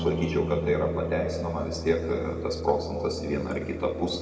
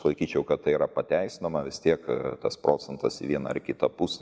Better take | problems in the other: second | background sound (Guitar); 6 dB below the speech // room echo; dies away in 2 s

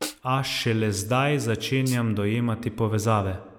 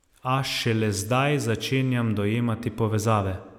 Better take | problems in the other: second | noise reduction (neural mask model Resemble Enhance denoiser)

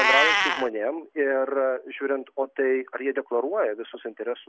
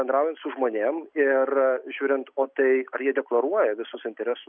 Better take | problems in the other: second | background sound (Meow); 2 dB below the speech

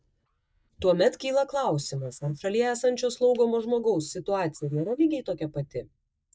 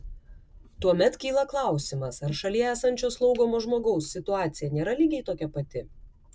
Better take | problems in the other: second | noise reduction (neural mask model DeepFilterNet 3)

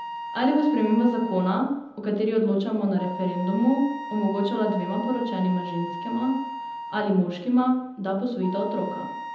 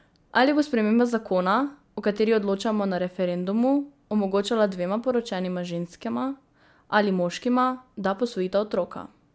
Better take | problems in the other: second | background sound (Wind instrument, woodwind instrument); 11 dB below the speech // room echo; dies away in 0.8 s

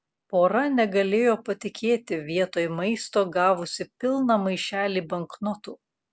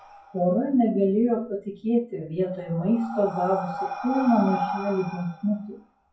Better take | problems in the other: first | noise reduction (classical method WPE with log-MMSE)

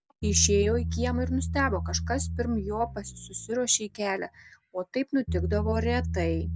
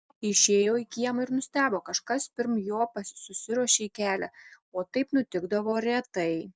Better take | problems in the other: second | background sound (Bass guitar); 3 dB below the speech

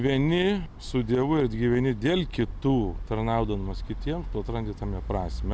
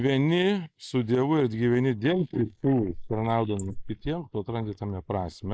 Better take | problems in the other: first | noise reduction (neural mask model Resemble Enhance denoiser)

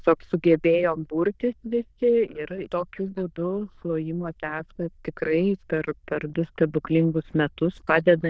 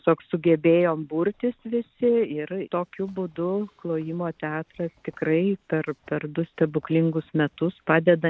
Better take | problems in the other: second | noise reduction (neural diffusion model UNIVERSE++)

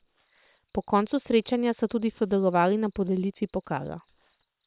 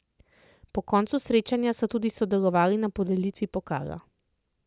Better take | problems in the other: second | noise reduction (neural separator model SepFormer WHAM!)

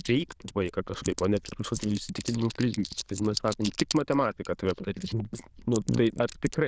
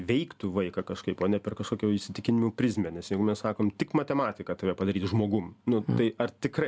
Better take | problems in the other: second | noise reduction (neural diffusion model UNIVERSE++)

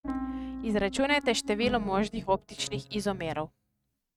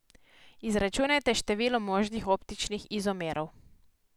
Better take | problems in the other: second | noise reduction (neural mask model RNNoise)

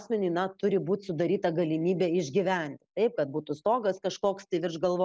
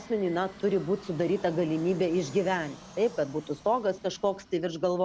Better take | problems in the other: first | background sound (Fixed-wing aircraft, airplane); 19 dB below the speech

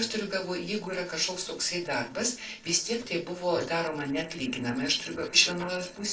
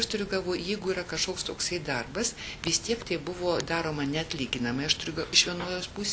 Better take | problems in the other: second | noise reduction (neural separator model SepFormer DNS4)

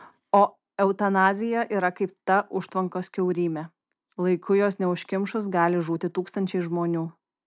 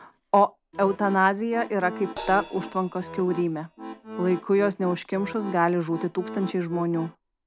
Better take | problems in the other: first | background sound (Crash cymbal + Accordion); 14 dB below the speech

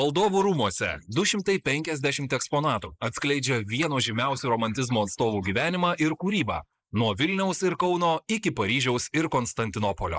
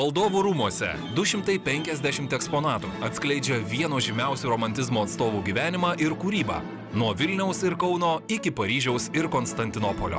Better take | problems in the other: second | noise reduction (neural mask model Resemble Enhance denoiser)

